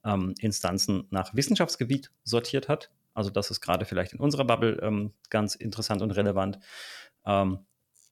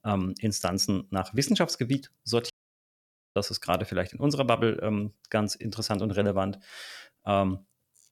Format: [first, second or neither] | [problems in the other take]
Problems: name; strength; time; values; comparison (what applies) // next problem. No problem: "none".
first | audio cutting out; at 2.5 s for 1 s